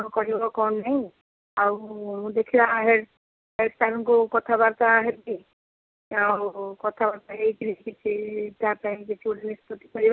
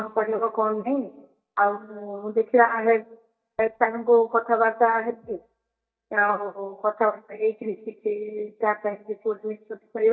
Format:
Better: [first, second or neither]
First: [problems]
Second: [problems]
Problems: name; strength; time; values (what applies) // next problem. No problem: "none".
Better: first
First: none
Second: noise reduction (neural mask model DeepFilterNet 3)